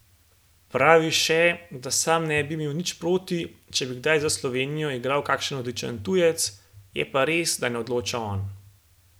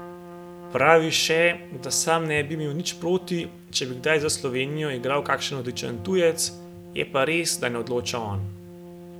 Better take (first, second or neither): first